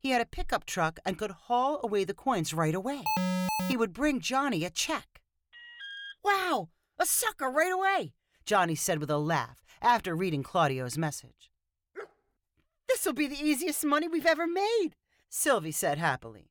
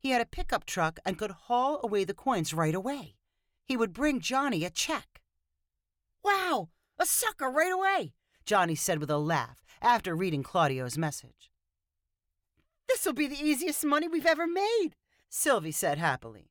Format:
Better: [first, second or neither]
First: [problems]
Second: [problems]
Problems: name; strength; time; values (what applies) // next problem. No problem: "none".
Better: second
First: alarm; loud; at 3 s; peak level with the speech // alarm; faint; at 5.5 s; peak 10 dB below the speech // dog barking; faint; at 12 s; peak 15 dB below the speech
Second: none